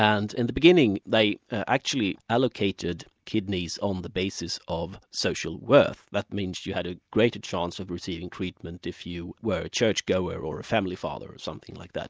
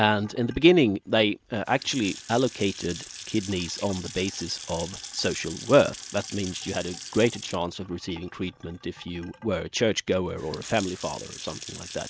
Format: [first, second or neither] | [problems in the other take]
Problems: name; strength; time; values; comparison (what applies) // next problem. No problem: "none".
first | background sound (Sink (filling or washing) / Water tap, faucet / Splash, splatter); 15 dB below the speech